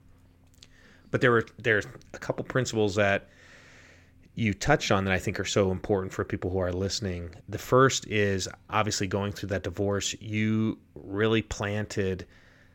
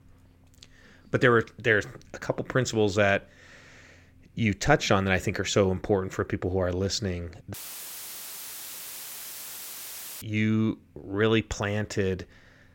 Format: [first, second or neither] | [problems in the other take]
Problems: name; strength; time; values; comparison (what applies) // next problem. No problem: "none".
first | audio cutting out; filled with static; at 7.5 s for 2.5 s